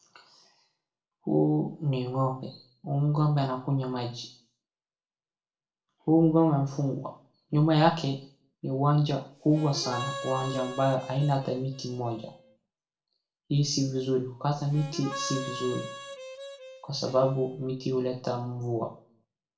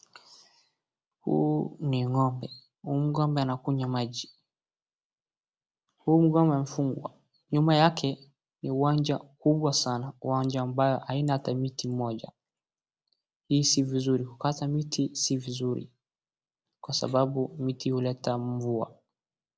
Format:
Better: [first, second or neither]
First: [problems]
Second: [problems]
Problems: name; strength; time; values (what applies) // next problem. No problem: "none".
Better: second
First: background sound (Harmonica); 11 dB below the speech // room echo; dies away in 0.4 s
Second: none